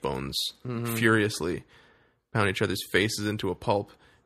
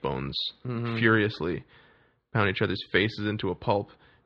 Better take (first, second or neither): first